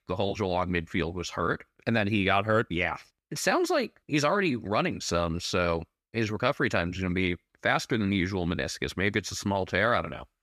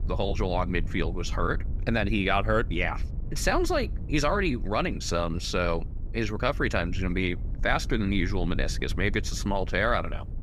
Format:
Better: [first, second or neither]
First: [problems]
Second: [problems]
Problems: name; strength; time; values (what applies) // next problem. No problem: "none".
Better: first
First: none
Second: wind noise on the microphone; occasional gusts; 20 dB below the speech